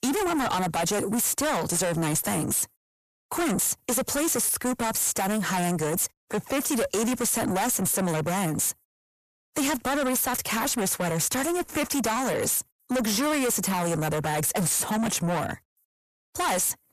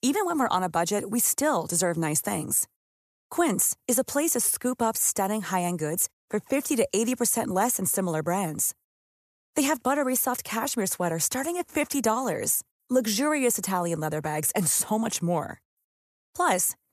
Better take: second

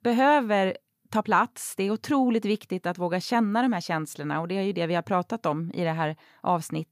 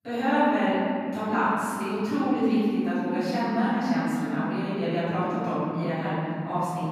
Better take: first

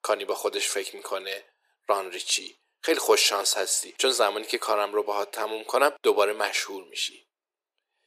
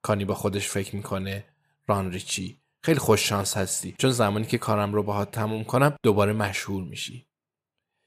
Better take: second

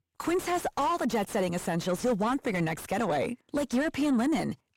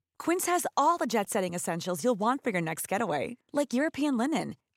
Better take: second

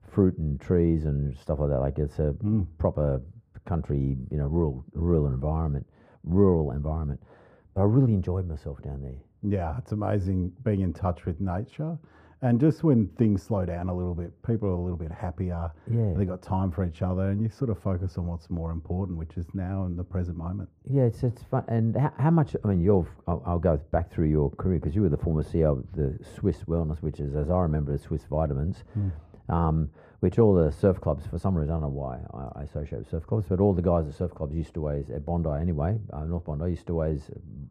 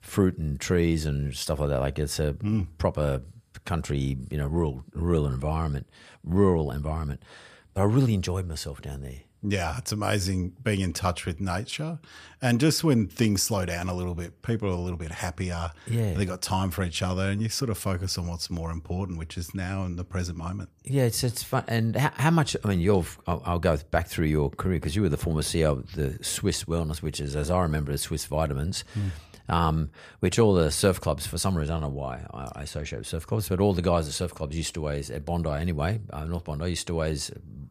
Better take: second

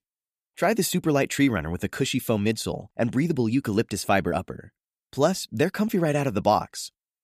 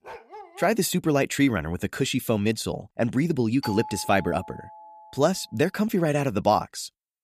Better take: first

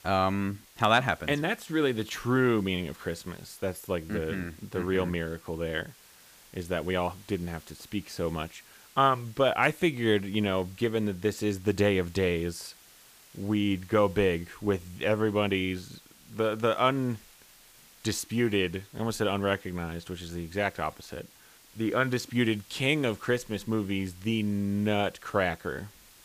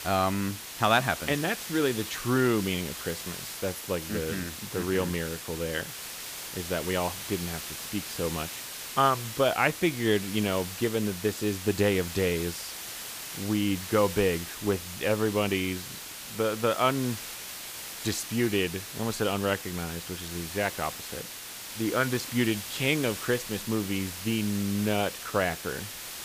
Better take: first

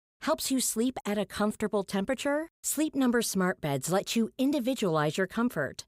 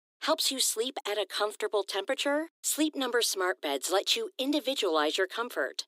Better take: first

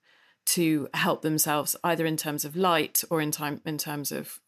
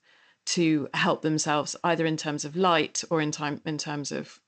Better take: first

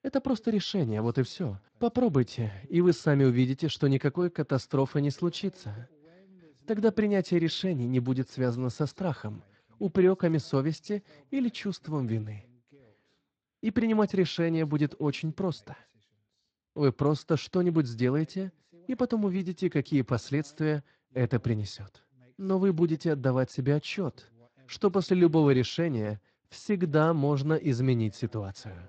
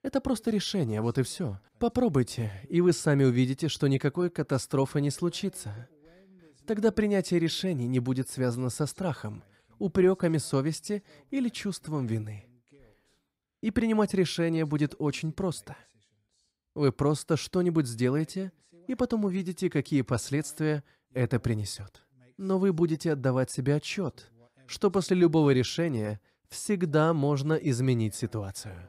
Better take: second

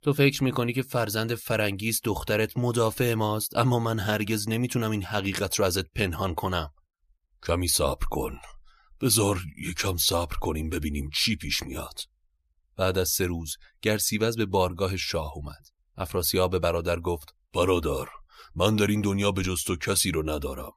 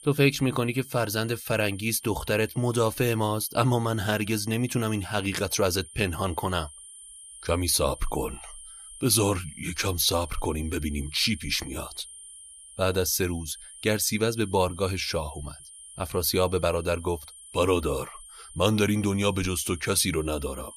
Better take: first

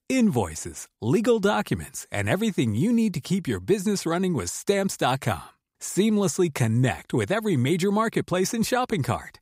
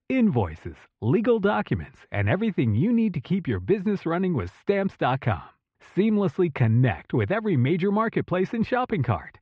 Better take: first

